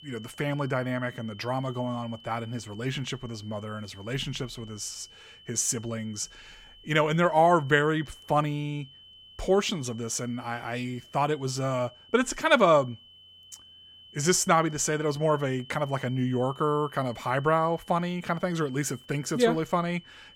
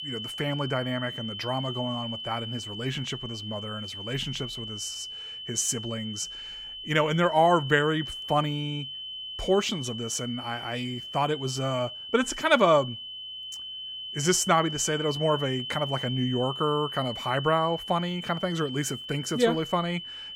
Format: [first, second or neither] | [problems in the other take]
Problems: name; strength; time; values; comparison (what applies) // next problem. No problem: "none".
first | high-pitched whine; loud; throughout; 3 kHz, 8 dB below the speech; faint in the first